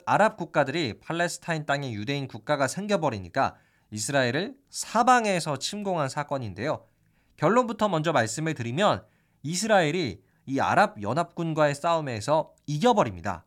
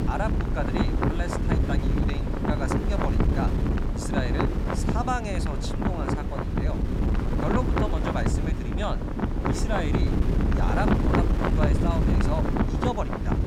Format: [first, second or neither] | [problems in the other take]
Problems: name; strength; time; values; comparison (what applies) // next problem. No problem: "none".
first | wind noise on the microphone; heavy; 2 dB above the speech